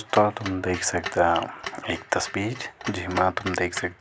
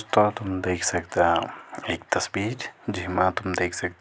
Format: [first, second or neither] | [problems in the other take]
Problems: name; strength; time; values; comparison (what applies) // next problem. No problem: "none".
second | background sound (Clock); 13 dB below the speech